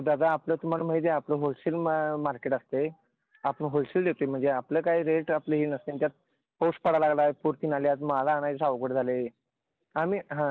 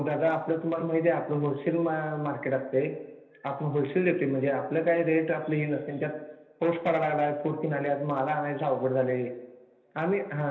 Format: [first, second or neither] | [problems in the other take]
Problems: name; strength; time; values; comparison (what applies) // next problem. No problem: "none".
first | room echo; dies away in 1.4 s